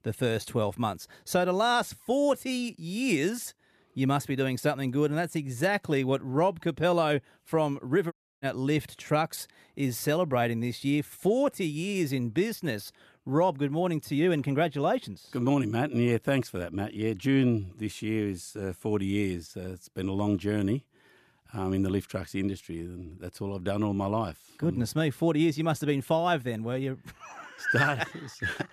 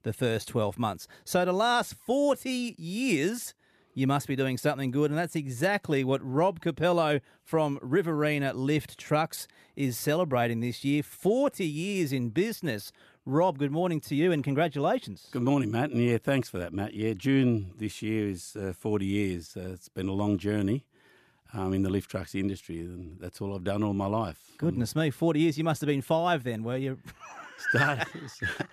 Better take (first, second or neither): second